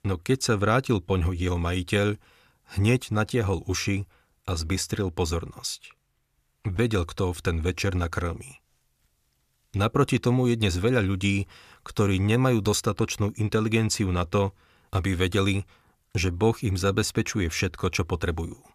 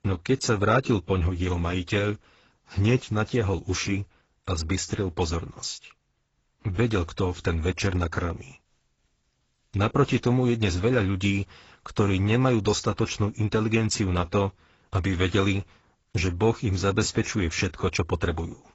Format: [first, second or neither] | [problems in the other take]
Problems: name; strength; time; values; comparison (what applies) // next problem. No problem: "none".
first | garbled, watery; badly; nothing above 7.5 kHz